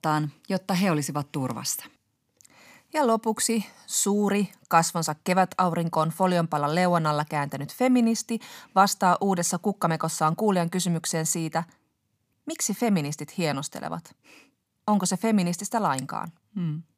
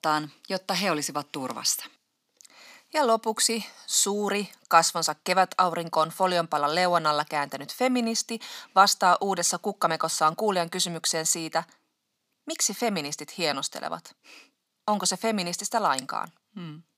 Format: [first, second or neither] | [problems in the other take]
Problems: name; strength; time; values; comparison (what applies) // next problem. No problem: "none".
first | thin; somewhat; fading below 300 Hz